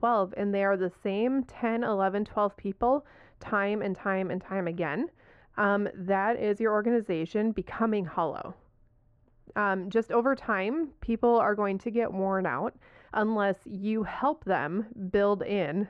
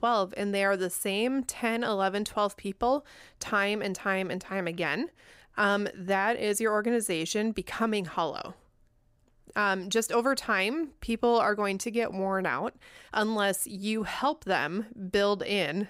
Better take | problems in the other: second | muffled; very; fading above 1.5 kHz

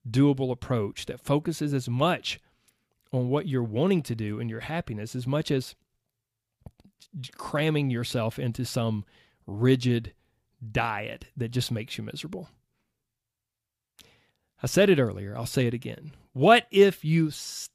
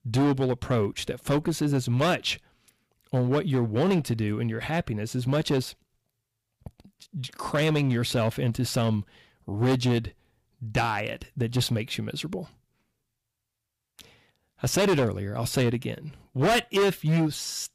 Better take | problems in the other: first | distortion; heavy; 8% of the sound clipped

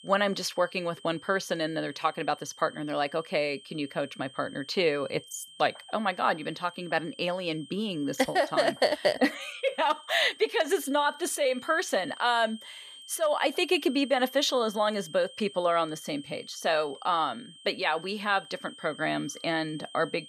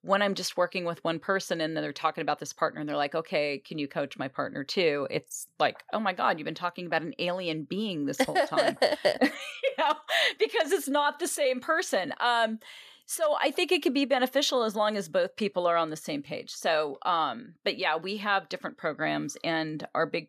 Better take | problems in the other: second | high-pitched whine; noticeable; throughout; 3 kHz, 20 dB below the speech

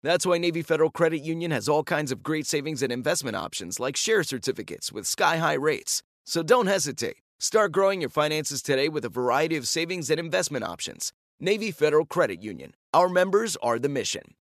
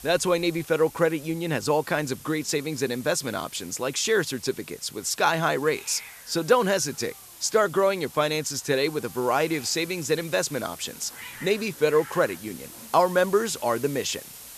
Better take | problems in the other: first | hiss; noticeable; throughout; 15 dB below the speech

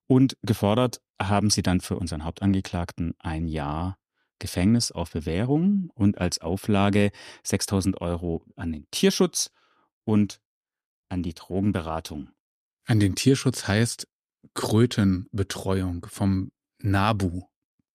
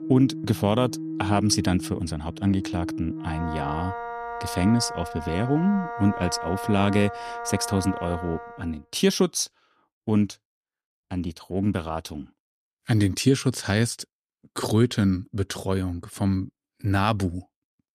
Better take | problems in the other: first | background music; loud; until 8.5 s; 8 dB below the speech

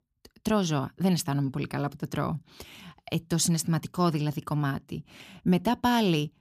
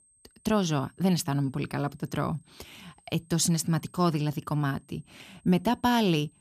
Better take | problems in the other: first | high-pitched whine; faint; throughout; 8.5 kHz, 35 dB below the speech

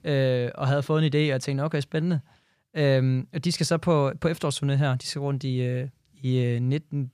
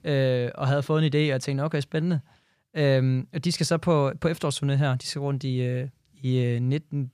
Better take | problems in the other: neither | none

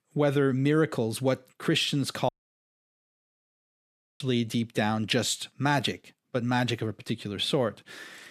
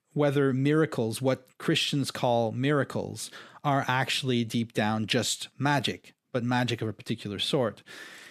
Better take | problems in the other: second | audio cutting out; at 2.5 s for 2 s

